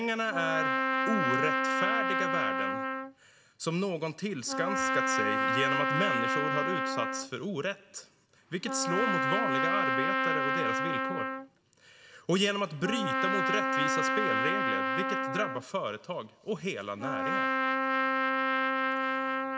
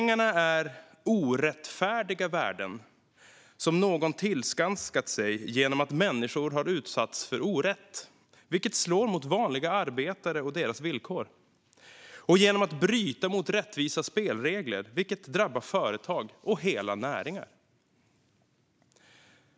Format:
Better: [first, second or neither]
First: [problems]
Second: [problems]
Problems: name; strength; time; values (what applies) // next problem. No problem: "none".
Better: second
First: background sound (Trumpet); 4 dB above the speech // room echo; dies away in 0.7 s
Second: none